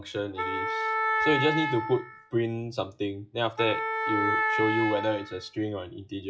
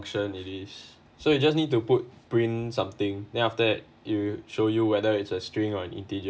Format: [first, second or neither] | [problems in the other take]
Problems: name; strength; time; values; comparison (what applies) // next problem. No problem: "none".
second | noise reduction (classical method log-MMSE)